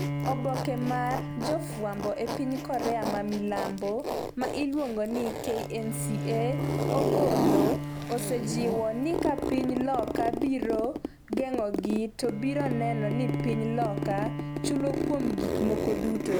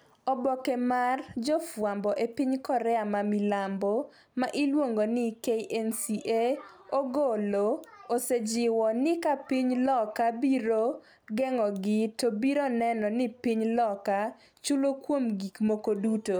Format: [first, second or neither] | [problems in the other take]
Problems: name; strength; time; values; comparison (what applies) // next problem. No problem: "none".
second | background sound (Bowed string instrument + Zipper (clothing)); as loud as the speech